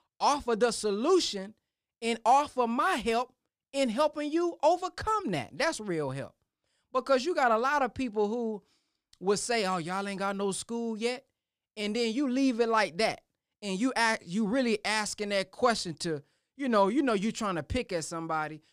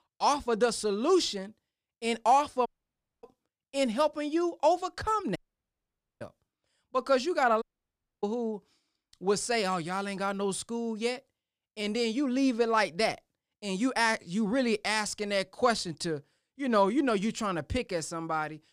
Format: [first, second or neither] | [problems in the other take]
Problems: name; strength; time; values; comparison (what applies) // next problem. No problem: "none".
first | audio cutting out; at 2.5 s for 0.5 s, at 5.5 s for 1 s and at 7.5 s for 0.5 s